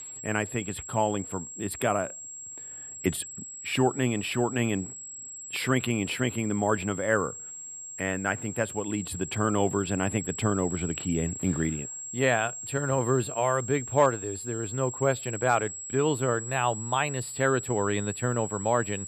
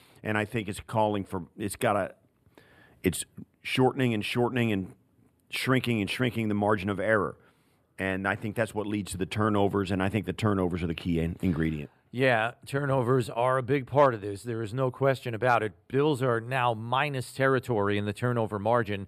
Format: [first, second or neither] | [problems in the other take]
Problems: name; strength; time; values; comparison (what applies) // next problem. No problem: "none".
second | high-pitched whine; loud; throughout; 7.5 kHz, 8 dB below the speech